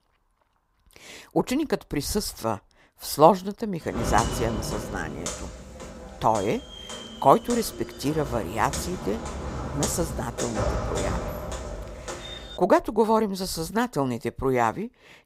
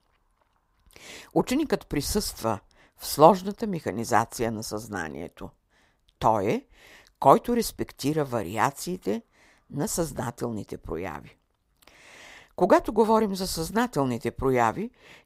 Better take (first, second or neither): second